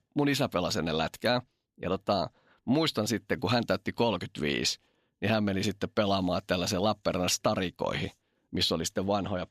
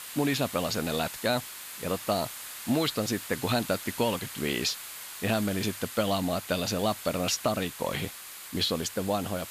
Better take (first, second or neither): first